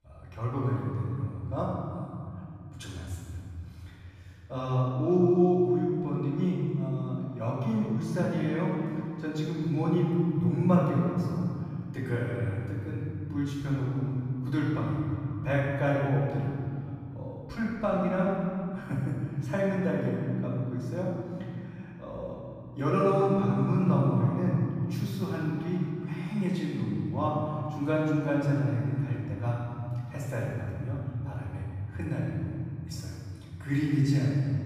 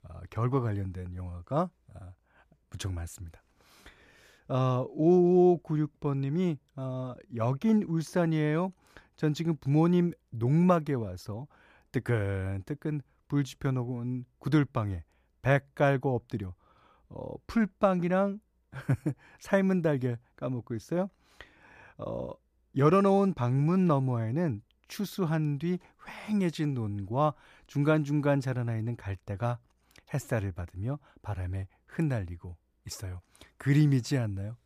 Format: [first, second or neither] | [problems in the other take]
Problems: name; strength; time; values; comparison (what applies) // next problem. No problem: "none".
second | off-mic speech; far // room echo; strong; dies away in 2.9 s